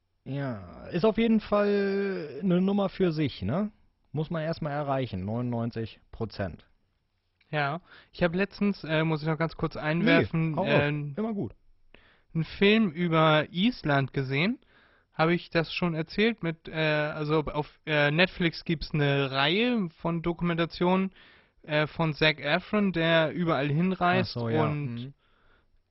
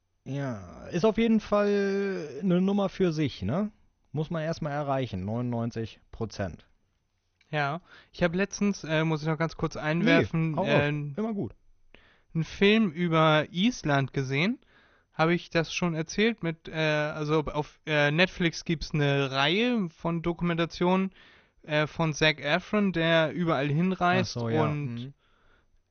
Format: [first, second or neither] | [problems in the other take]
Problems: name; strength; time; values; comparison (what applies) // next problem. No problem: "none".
second | garbled, watery; badly; nothing above 5.5 kHz; slightly in the second